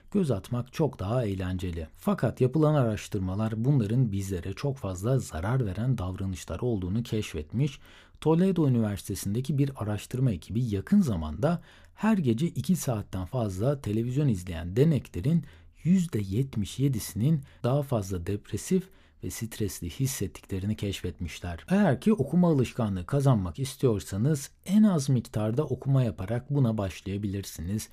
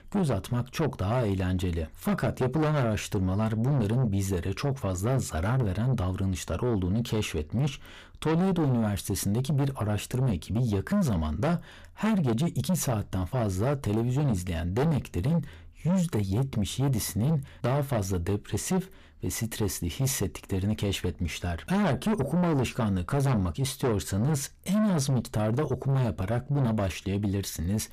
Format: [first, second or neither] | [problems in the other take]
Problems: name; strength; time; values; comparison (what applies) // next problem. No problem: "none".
first | distortion; heavy; 7 dB below the speech